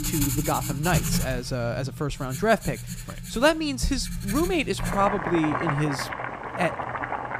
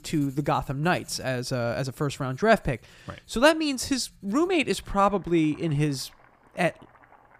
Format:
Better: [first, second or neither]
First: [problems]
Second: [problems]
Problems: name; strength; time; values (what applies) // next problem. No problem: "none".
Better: second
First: household noises; loud; throughout; 4 dB below the speech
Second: household noises; faint; throughout; 30 dB below the speech